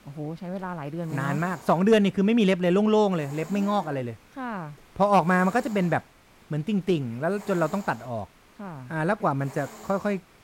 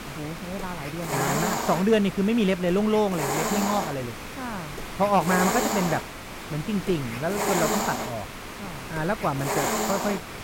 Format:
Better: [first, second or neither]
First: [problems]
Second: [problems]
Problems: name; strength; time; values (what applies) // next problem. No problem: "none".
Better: first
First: hiss; faint; throughout; 25 dB below the speech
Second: hiss; loud; throughout; 3 dB below the speech